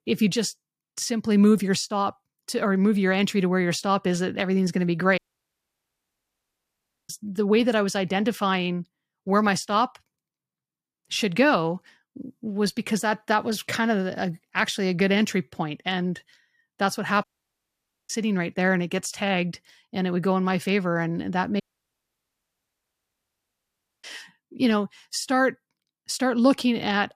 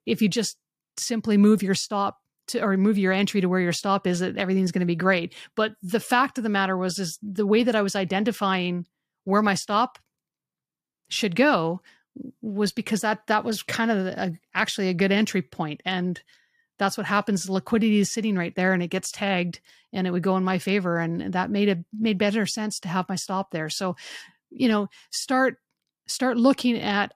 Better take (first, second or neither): second